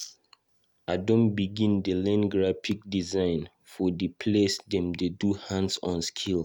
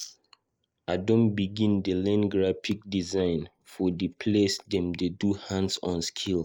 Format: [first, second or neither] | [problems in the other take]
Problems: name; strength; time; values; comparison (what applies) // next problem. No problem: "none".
first | noise reduction (neural mask model Resemble Enhance denoiser)